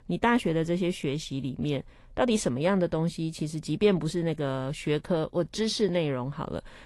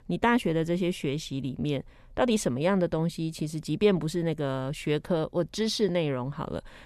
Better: second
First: garbled, watery; slightly; nothing above 11 kHz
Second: none

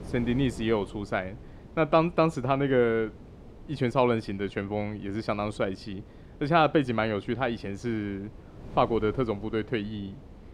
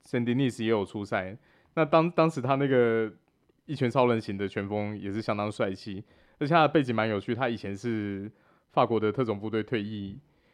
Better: second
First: wind noise on the microphone; occasional gusts; 25 dB below the speech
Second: none

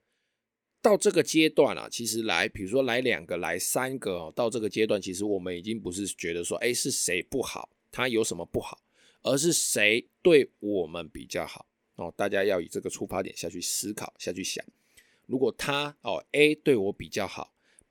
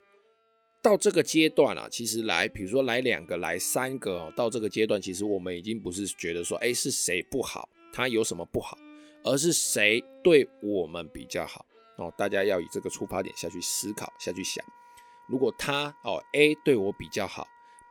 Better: first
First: none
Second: background music; faint; throughout; 30 dB below the speech

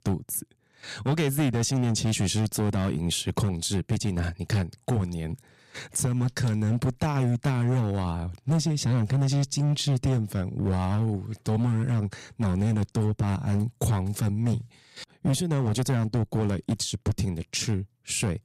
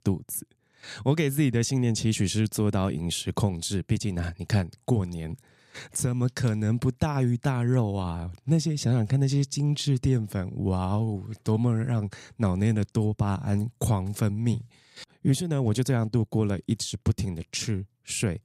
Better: second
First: distortion; slight; 10% of the sound clipped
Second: none

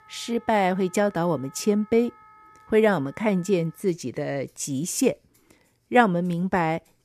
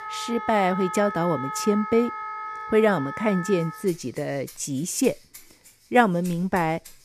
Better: first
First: background music; faint; throughout; 30 dB below the speech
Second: background music; loud; throughout; 9 dB below the speech

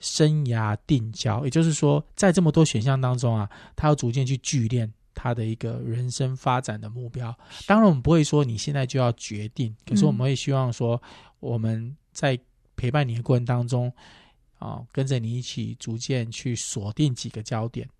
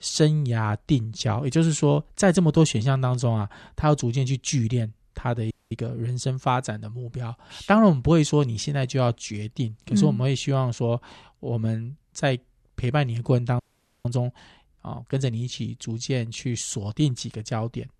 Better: first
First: none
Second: audio freezing; at 5.5 s and at 14 s

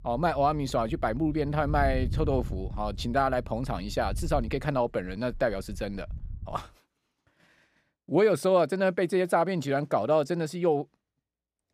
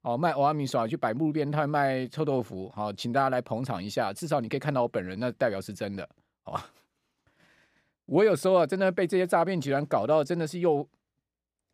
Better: second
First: wind noise on the microphone; occasional gusts; until 6.5 s; 25 dB below the speech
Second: none

